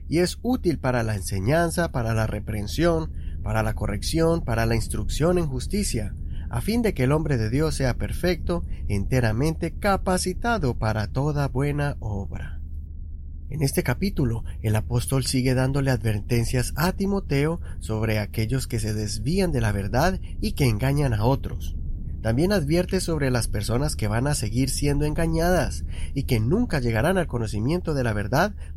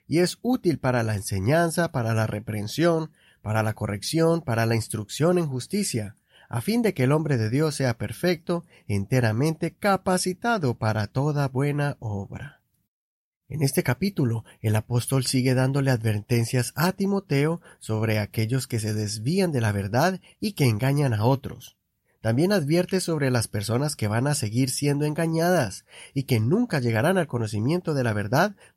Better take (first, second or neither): second